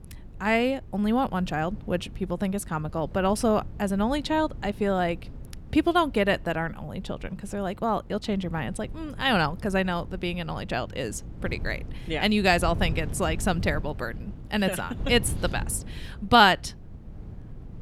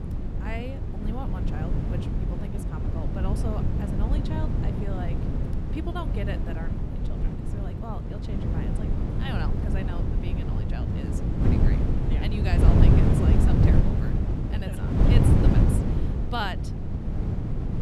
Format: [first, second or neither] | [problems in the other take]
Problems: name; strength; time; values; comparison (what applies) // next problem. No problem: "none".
first | wind noise on the microphone; heavy; 3 dB above the speech; occasional gusts in the first